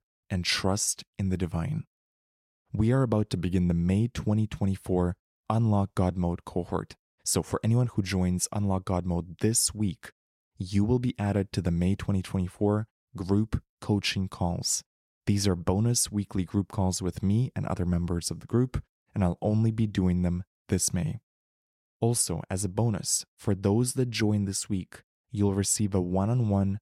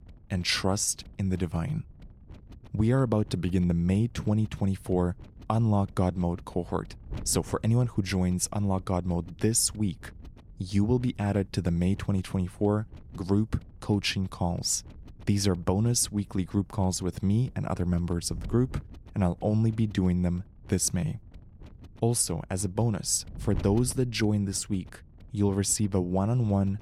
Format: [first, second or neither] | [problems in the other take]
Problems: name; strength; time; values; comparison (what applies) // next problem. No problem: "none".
first | wind noise on the microphone; occasional gusts; 25 dB below the speech